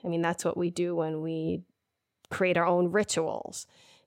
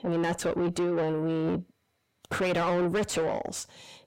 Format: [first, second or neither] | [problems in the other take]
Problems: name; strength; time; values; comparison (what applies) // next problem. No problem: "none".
first | distortion; heavy; 6 dB below the speech